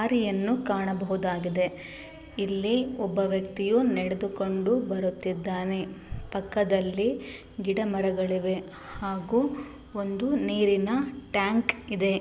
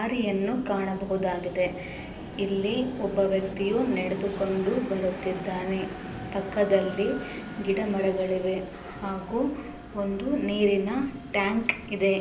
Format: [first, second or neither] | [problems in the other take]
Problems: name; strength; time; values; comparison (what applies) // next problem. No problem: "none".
first | background sound (Train); 12 dB below the speech // room echo; dies away in 0.5 s